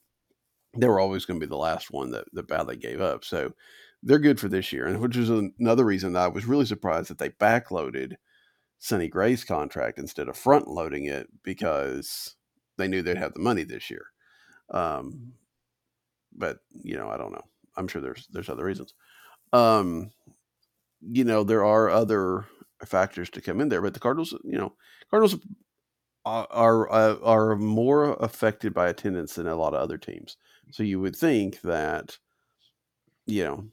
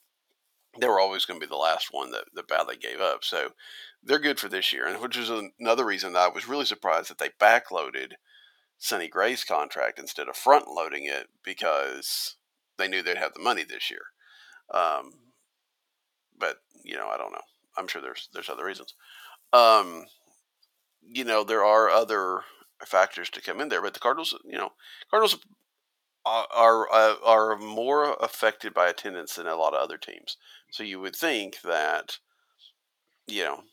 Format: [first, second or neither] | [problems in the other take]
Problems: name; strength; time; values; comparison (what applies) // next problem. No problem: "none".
first | thin; very; fading below 750 Hz